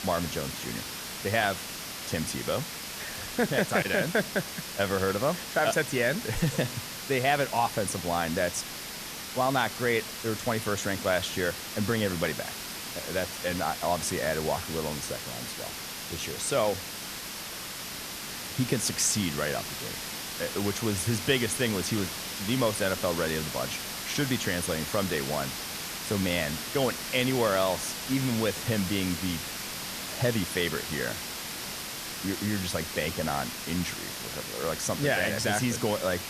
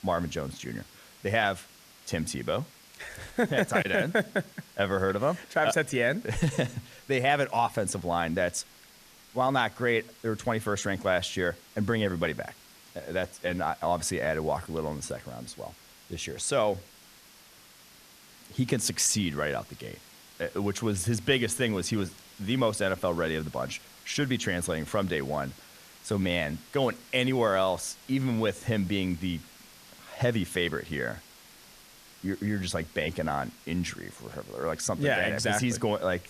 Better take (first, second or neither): second